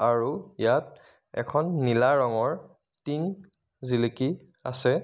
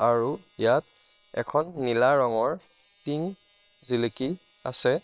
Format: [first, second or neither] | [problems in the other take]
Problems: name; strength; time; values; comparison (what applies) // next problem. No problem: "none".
first | noise reduction (neural separator model SepFormer WHAM!)